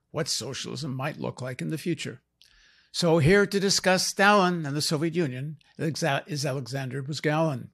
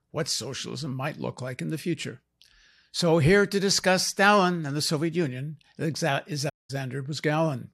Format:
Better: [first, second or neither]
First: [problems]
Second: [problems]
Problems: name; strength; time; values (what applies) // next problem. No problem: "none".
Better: first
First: none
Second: audio cutting out; at 6.5 s